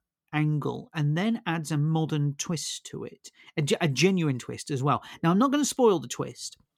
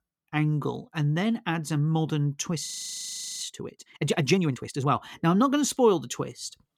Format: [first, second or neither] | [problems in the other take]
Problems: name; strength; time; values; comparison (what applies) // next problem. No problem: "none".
first | audio freezing; at 2.5 s for 0.5 s